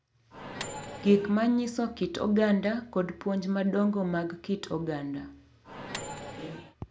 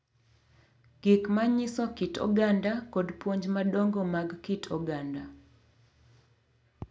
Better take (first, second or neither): second